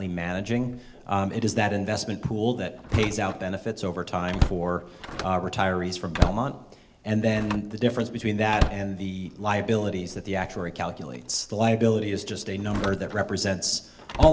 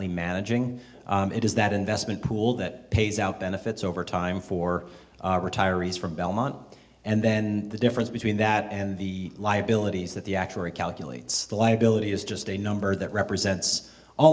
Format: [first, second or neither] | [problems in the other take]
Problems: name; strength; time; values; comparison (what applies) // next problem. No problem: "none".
second | background sound (Slam); 7 dB below the speech